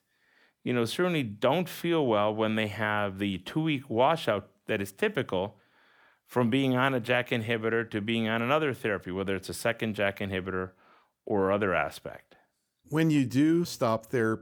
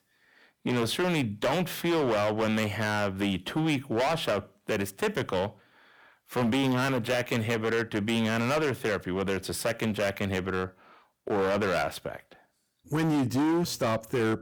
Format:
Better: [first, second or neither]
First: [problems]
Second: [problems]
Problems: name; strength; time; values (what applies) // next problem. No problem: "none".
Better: first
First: none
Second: distortion; heavy; 17% of the sound clipped